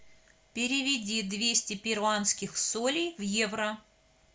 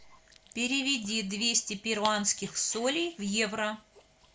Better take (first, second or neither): first